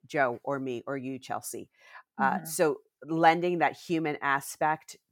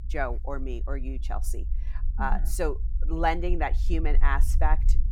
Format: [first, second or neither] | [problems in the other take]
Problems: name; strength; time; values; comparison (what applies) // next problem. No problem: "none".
first | low rumble; faint; throughout; 20 dB below the speech